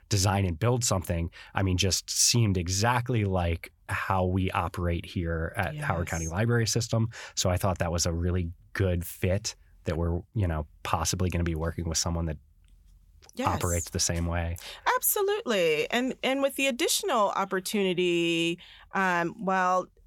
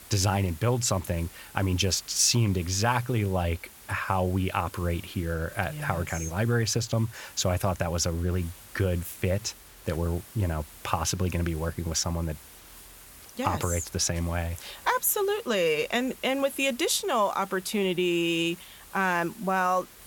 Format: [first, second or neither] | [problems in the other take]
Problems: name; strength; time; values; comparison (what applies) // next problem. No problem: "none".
first | hiss; noticeable; throughout; 20 dB below the speech